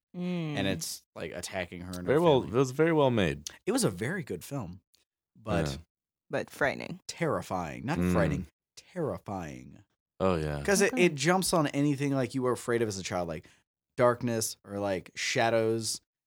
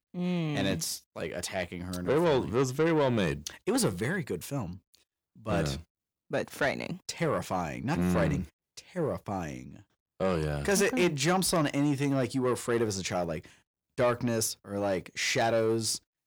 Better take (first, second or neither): first